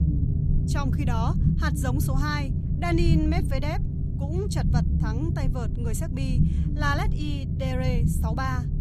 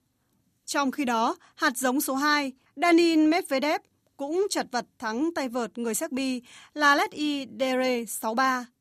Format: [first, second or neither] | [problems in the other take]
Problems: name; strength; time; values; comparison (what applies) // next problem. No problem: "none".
second | low rumble; loud; throughout; 5 dB below the speech